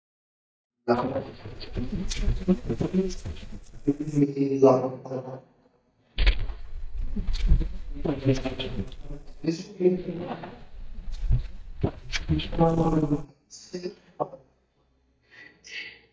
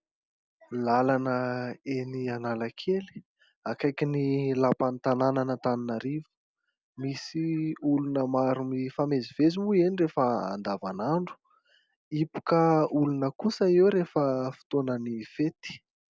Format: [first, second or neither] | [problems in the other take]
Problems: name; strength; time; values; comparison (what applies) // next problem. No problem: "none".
second | noise reduction (neural mask model DeepFilterNet 3)